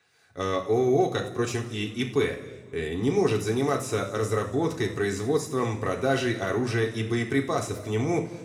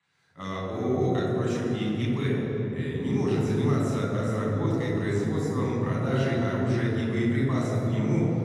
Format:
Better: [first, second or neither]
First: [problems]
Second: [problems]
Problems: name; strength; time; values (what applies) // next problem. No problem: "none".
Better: first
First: room echo; slight; dies away in 1.8 s // off-mic speech; somewhat distant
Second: room echo; strong; dies away in 3 s // off-mic speech; far